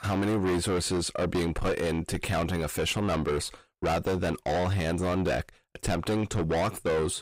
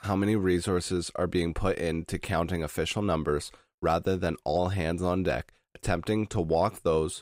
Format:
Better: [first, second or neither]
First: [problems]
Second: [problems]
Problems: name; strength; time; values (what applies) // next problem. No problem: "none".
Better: second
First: distortion; heavy; 7 dB below the speech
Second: none